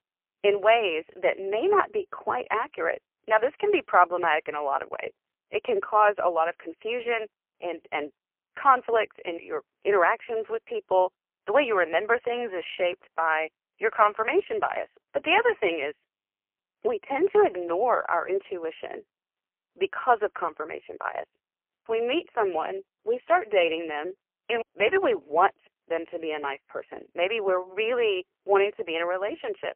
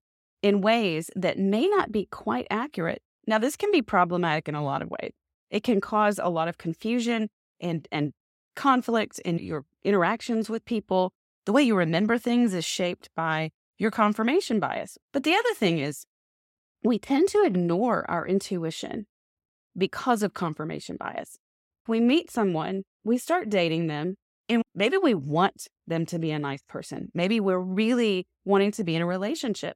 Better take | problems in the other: second | phone-call audio; poor line; nothing above 3 kHz

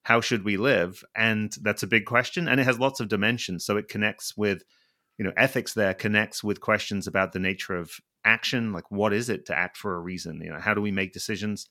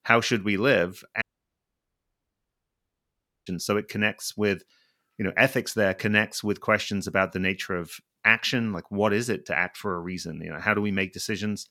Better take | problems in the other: first | audio cutting out; at 1 s for 2 s

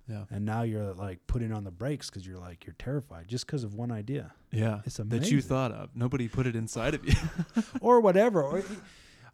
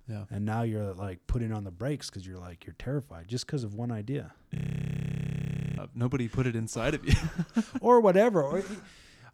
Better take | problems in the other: first | audio freezing; at 4.5 s for 1 s

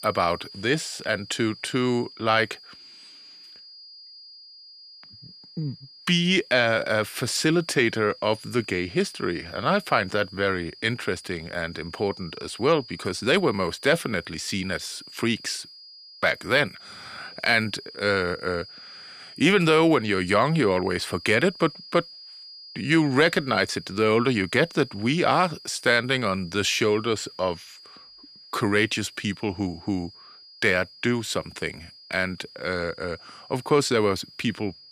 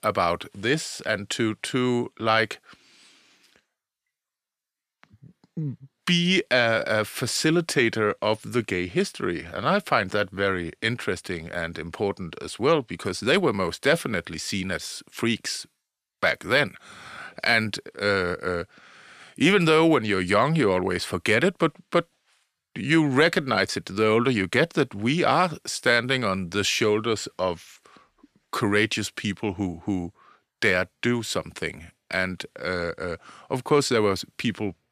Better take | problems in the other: second | high-pitched whine; noticeable; throughout; 5 kHz, 20 dB below the speech

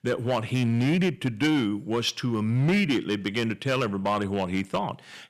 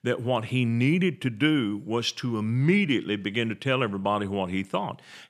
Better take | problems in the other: second | distortion; slight; 8% of the sound clipped

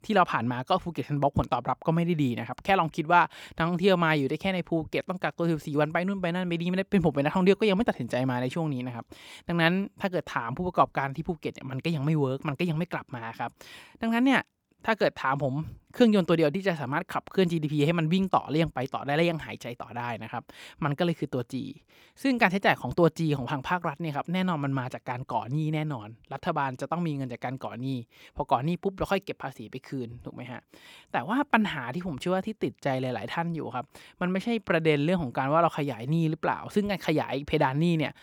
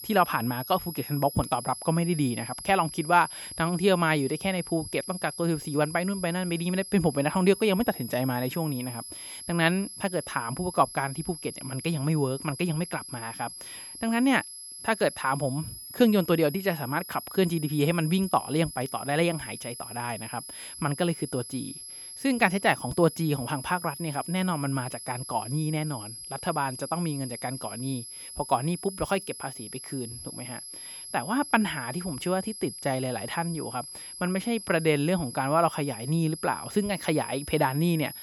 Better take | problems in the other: first | high-pitched whine; noticeable; throughout; 11 kHz, 10 dB below the speech

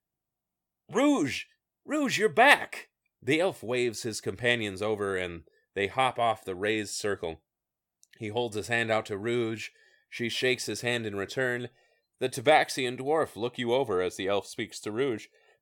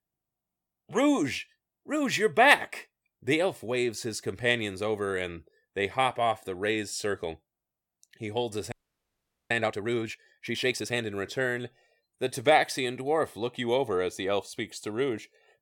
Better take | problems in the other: first | audio freezing; at 8.5 s for 1 s

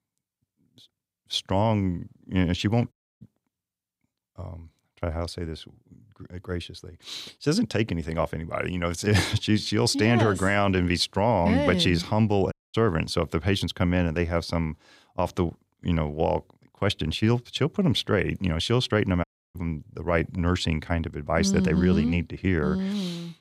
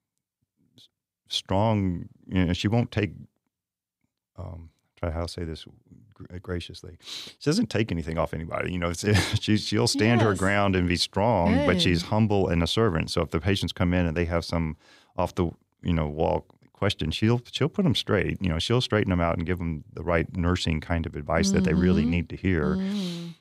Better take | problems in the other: second | audio cutting out; at 3 s, at 13 s and at 19 s

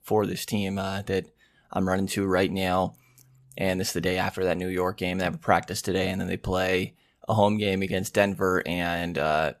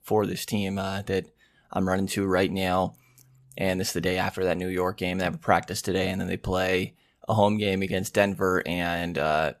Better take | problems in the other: neither | none

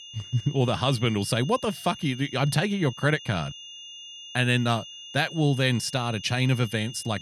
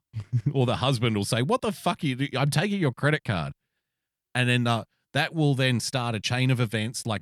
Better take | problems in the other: second | high-pitched whine; noticeable; throughout; 3 kHz, 15 dB below the speech

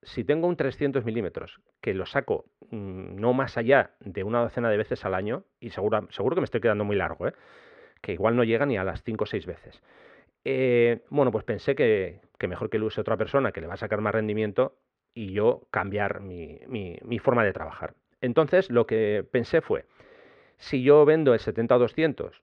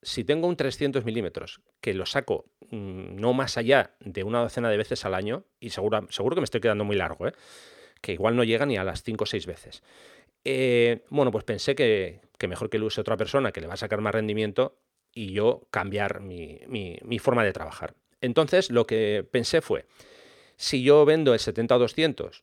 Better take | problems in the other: second | muffled; very; fading above 2 kHz

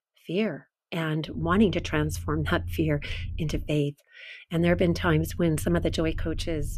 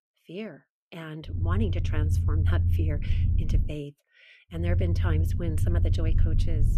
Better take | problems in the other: first | low rumble; loud; from 1.5 to 3.5 s and from 4.5 s on; 4 dB below the speech; faint in the first

